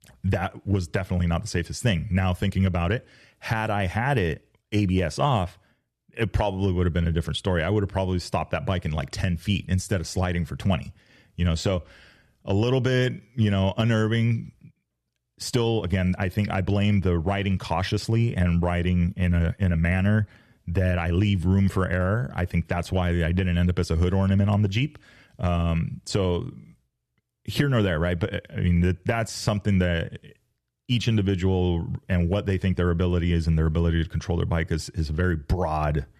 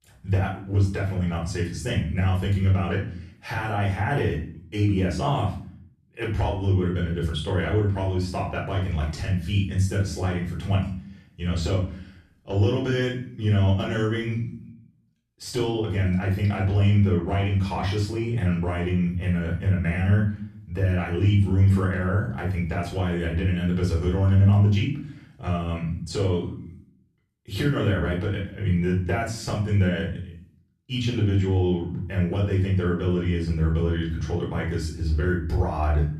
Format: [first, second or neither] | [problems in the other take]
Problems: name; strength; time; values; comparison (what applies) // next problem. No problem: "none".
first | off-mic speech; far // room echo; noticeable; dies away in 0.5 s